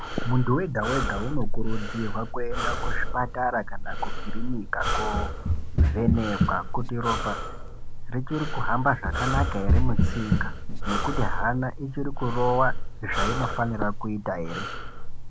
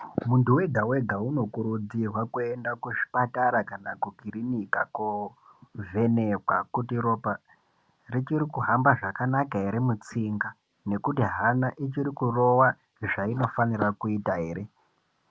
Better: second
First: background sound (Breathing + Run); 3 dB above the speech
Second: none

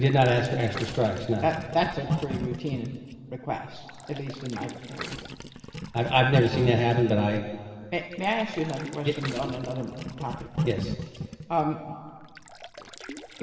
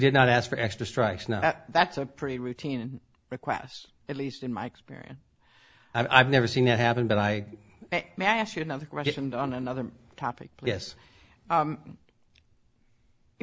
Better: second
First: background sound (Gurgling); 9 dB below the speech // room echo; dies away in 1.8 s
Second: none

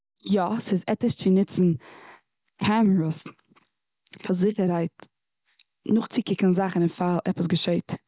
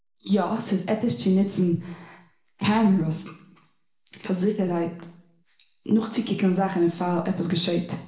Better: first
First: none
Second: room echo; dies away in 0.6 s

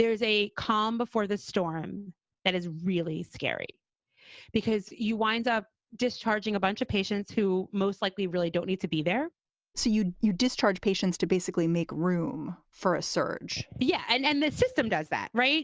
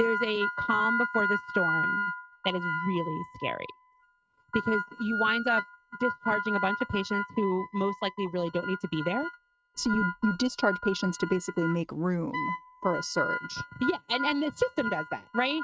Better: first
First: none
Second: noise reduction (neural mask model RNNoise)

